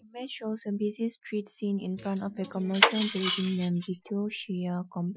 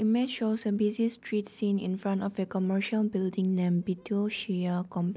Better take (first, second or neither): second